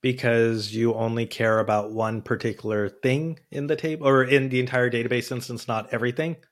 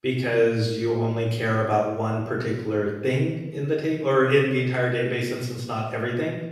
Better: first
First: none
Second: room echo; noticeable; dies away in 0.9 s // off-mic speech; far

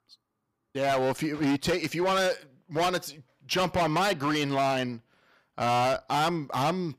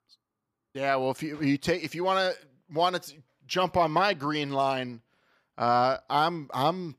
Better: second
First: distortion; heavy; 15% of the sound clipped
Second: none

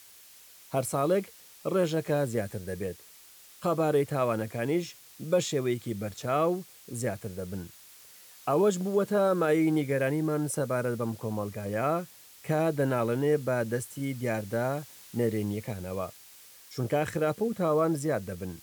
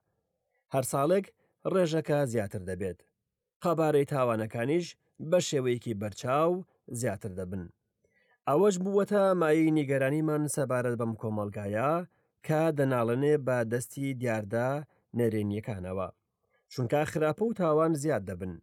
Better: second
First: hiss; noticeable; throughout; 20 dB below the speech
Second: none

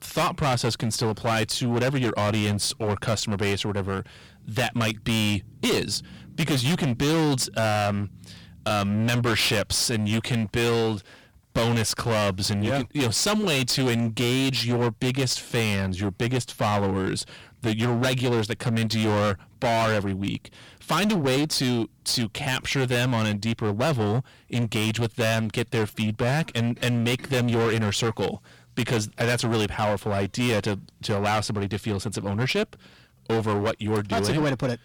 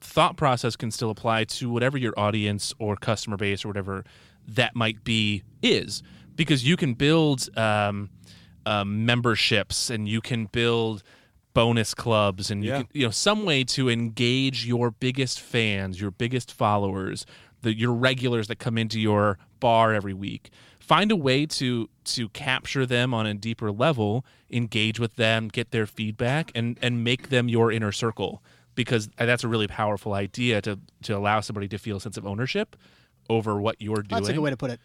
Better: second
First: distortion; heavy; 22% of the sound clipped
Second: none

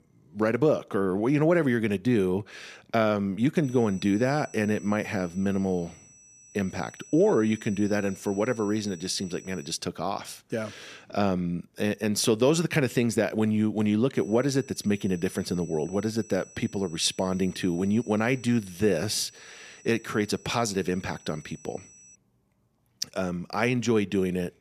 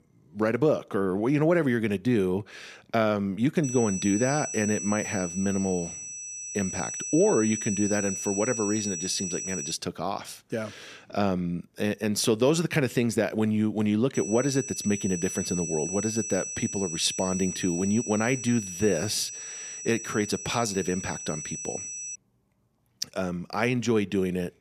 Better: first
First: high-pitched whine; faint; from 3.5 to 9.5 s and from 14 to 22 s; 6 kHz, 20 dB below the speech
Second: high-pitched whine; loud; from 3.5 to 9.5 s and from 14 to 22 s; 6 kHz, 6 dB below the speech

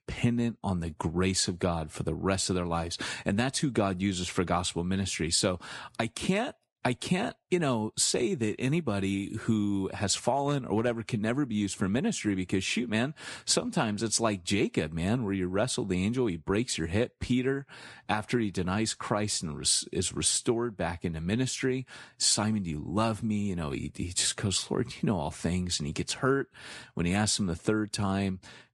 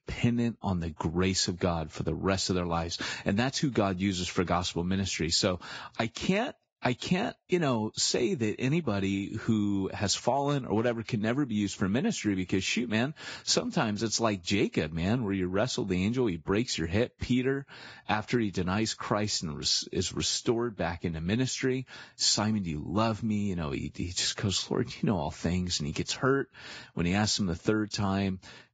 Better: first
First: garbled, watery; slightly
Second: garbled, watery; badly; nothing above 7.5 kHz

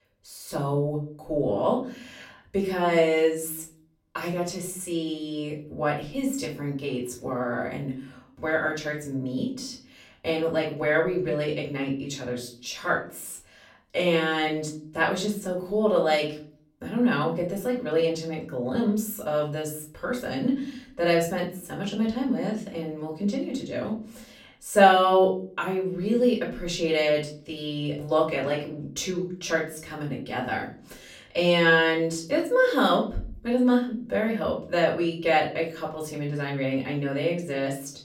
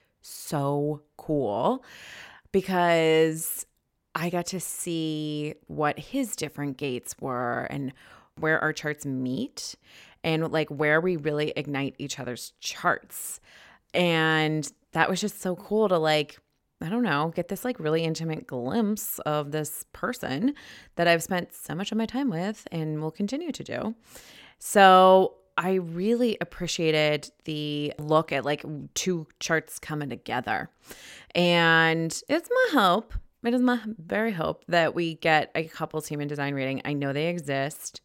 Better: second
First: room echo; slight; dies away in 0.4 s // off-mic speech; far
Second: none

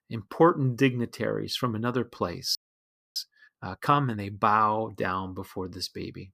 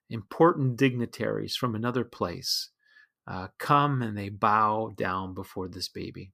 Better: second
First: audio freezing; at 2.5 s for 0.5 s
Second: none

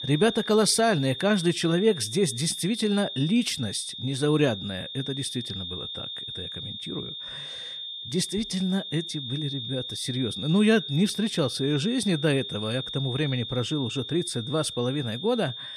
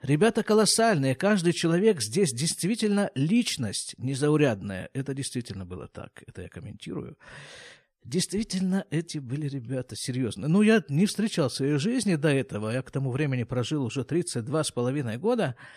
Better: second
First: high-pitched whine; loud; throughout; 3.5 kHz, 8 dB below the speech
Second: none

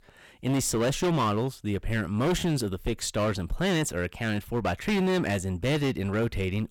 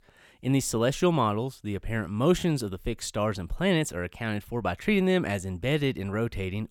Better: second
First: distortion; heavy; 15% of the sound clipped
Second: none

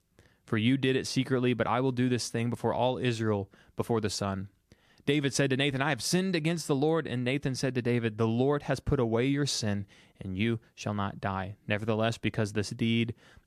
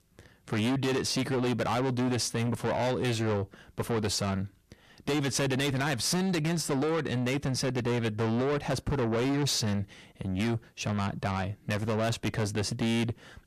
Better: first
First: none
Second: distortion; heavy; 6 dB below the speech

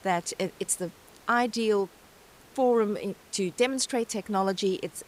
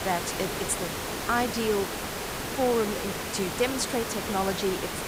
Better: first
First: hiss; faint; throughout; 25 dB below the speech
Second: hiss; loud; throughout; 2 dB below the speech

